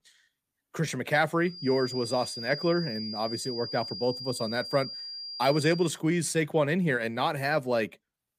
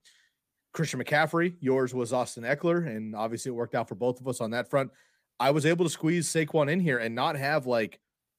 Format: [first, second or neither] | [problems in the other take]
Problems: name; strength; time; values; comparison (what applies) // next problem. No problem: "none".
second | high-pitched whine; loud; from 1.5 to 6 s; 5 kHz, 8 dB below the speech